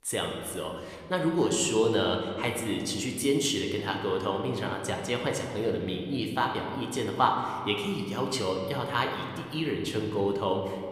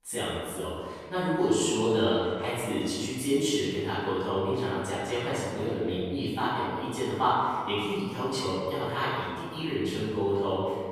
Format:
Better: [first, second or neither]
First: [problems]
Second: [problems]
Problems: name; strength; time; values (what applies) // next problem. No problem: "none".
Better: first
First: room echo; slight; dies away in 1.8 s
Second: room echo; strong; dies away in 1.9 s // off-mic speech; far